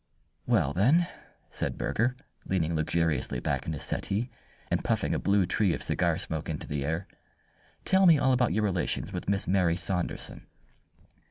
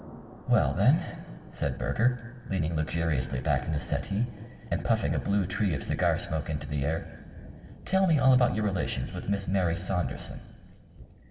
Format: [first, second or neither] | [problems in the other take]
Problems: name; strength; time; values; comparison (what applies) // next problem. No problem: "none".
first | background sound (Thunder); 19 dB below the speech // room echo; dies away in 1.8 s